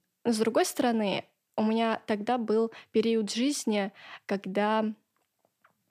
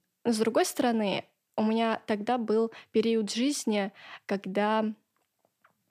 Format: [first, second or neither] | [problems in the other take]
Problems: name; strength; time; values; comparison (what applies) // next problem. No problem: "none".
neither | none